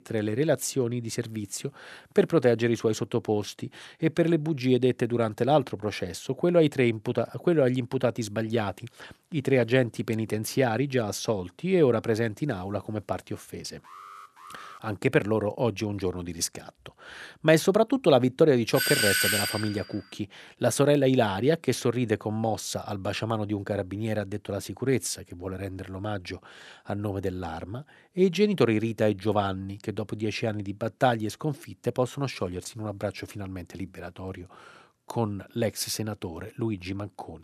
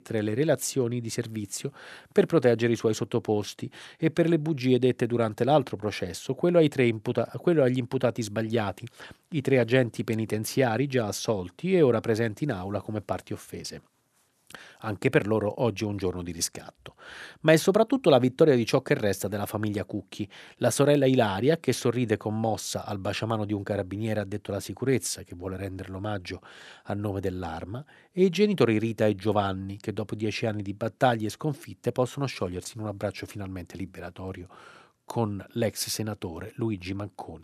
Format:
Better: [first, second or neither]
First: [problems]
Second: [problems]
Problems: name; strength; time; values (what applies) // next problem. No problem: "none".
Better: second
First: alarm; faint; at 14 s; peak 20 dB below the speech // doorbell; loud; at 19 s; peak 5 dB above the speech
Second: none